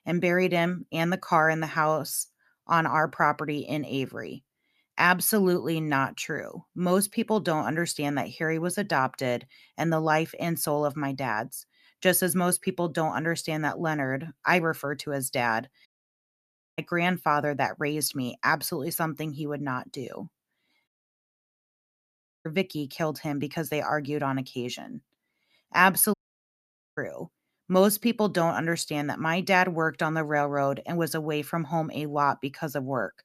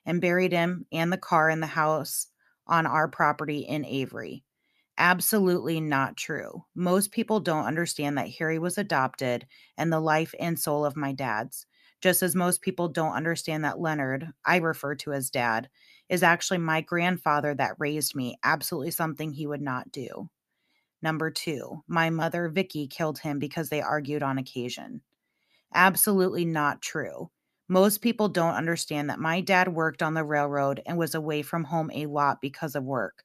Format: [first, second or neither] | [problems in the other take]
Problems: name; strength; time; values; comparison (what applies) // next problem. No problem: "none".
second | audio cutting out; at 16 s for 1 s, at 21 s for 1.5 s and at 26 s for 1 s